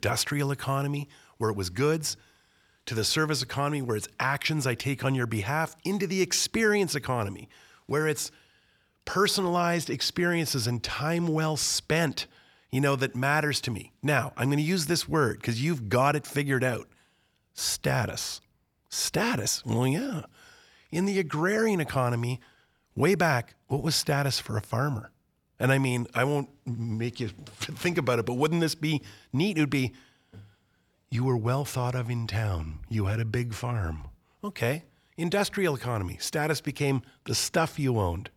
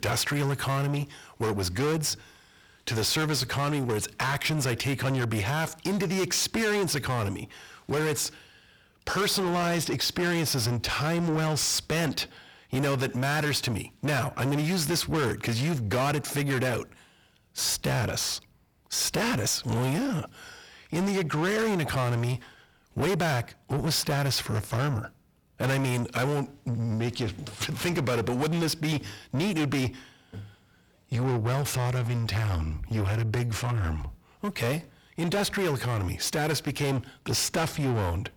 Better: first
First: none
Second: distortion; heavy; 7 dB below the speech

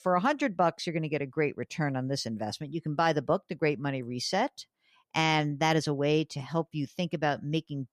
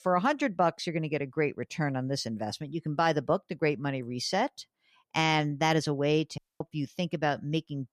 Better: first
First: none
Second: audio cutting out; at 6.5 s

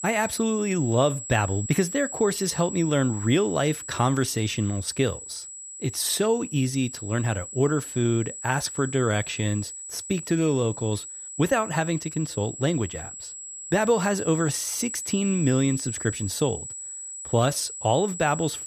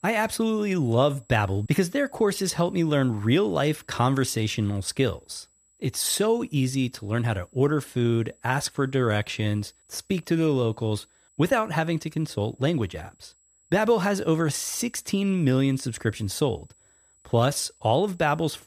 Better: second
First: high-pitched whine; loud; throughout; 8 kHz, 9 dB below the speech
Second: high-pitched whine; faint; throughout; 8 kHz, 35 dB below the speech

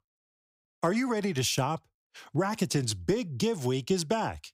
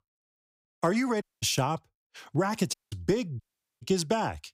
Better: first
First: none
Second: audio cutting out; at 1 s, at 2.5 s and at 3.5 s

